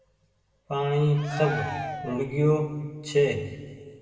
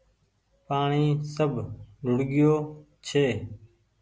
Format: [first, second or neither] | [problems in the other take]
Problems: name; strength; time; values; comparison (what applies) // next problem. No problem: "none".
second | background sound (Cheering); 8 dB below the speech // room echo; dies away in 1.7 s